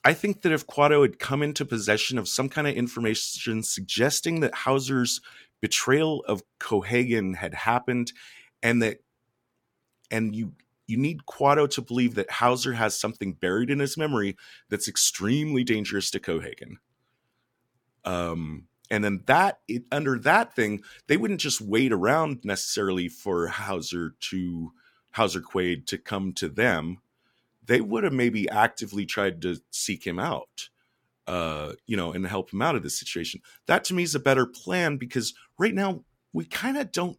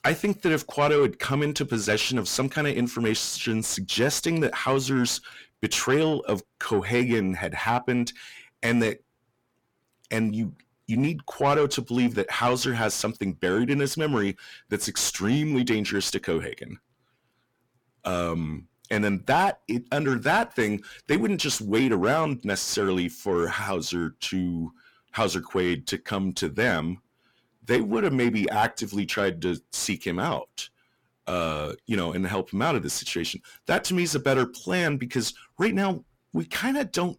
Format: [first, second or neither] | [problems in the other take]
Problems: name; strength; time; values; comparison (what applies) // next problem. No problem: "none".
first | distortion; slight; 10 dB below the speech